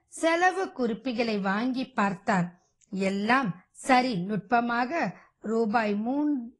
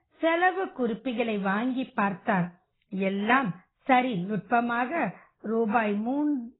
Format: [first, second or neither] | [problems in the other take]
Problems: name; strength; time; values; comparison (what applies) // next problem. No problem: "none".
first | garbled, watery; badly; nothing above 4 kHz; slightly in the first